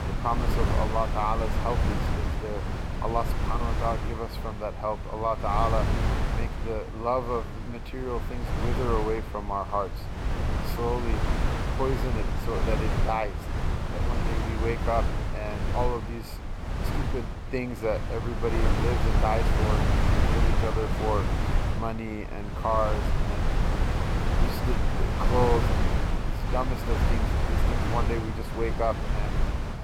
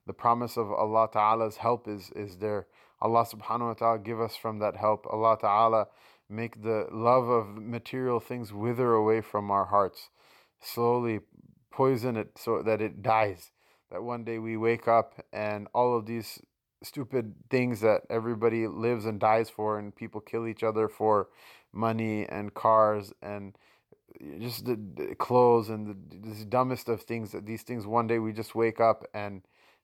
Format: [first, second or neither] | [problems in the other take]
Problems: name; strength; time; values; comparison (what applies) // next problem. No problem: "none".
second | wind noise on the microphone; heavy; 4 dB below the speech